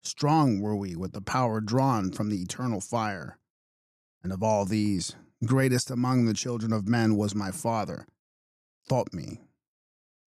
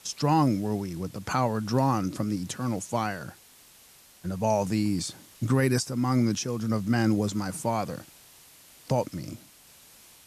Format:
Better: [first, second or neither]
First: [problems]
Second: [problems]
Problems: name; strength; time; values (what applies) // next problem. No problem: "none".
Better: first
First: none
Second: hiss; faint; throughout; 25 dB below the speech